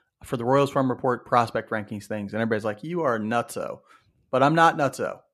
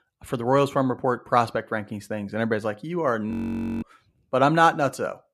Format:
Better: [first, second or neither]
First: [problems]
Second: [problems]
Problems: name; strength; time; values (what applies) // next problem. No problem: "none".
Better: first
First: none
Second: audio freezing; at 3.5 s for 0.5 s